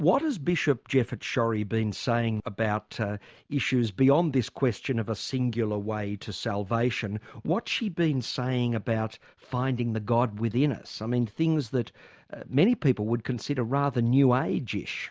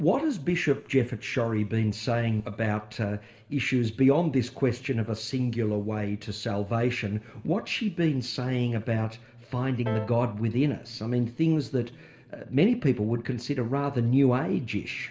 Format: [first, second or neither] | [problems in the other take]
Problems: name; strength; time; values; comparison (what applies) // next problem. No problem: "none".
first | background sound (Piano); 16 dB below the speech // room echo; dies away in 1.5 s